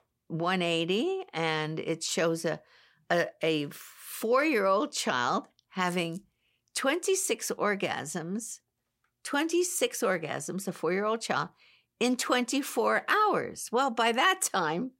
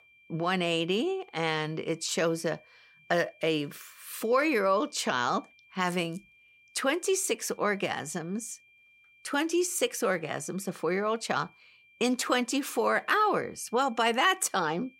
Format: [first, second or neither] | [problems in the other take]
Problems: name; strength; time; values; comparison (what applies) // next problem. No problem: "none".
first | high-pitched whine; faint; throughout; 2.5 kHz, 30 dB below the speech